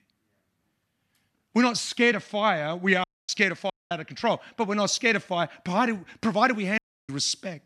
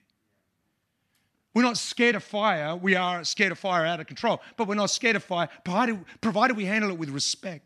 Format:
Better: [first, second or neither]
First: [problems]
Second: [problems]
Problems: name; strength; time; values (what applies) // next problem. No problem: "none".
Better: second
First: audio cutting out; at 3 s, at 3.5 s and at 7 s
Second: none